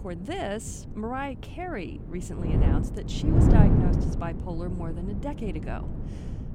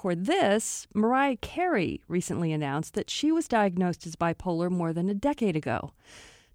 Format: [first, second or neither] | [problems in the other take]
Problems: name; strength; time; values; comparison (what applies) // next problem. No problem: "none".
second | wind noise on the microphone; heavy; 1 dB above the speech